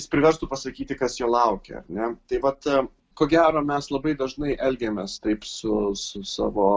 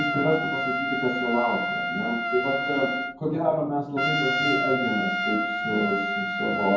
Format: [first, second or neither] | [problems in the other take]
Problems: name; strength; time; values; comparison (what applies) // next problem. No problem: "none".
first | background sound (Trumpet); as loud as the speech // room echo; dies away in 0.9 s